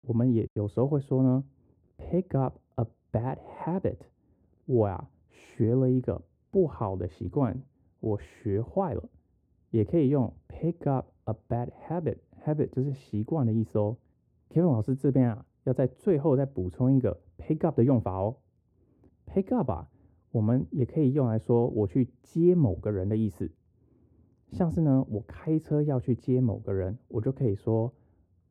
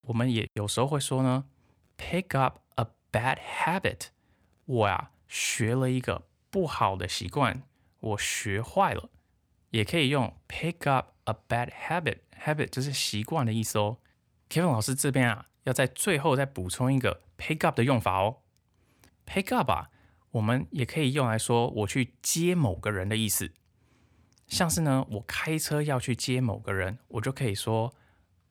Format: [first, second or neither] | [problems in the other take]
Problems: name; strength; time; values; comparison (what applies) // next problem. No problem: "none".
second | muffled; very; fading above 1.5 kHz